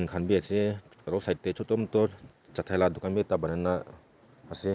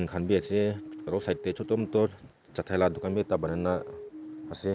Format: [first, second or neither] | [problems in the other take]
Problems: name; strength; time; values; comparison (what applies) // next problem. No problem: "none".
first | background sound (Siren); 13 dB below the speech